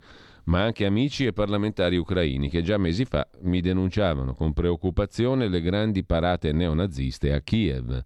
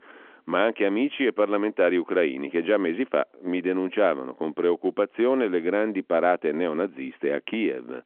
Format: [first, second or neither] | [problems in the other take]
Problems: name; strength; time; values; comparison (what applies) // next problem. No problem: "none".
first | phone-call audio; nothing above 3.5 kHz